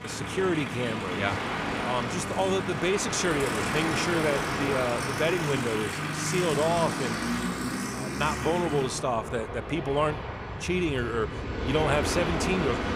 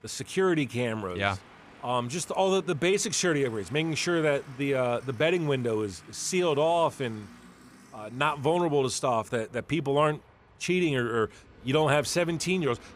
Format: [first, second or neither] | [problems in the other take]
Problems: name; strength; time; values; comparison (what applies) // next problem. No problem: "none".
second | train or aircraft noise; loud; throughout; 2 dB below the speech; faint in the second